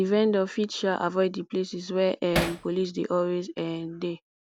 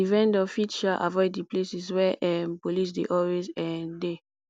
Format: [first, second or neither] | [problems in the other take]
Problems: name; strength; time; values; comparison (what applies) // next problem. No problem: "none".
second | background sound (Hammer); 3 dB below the speech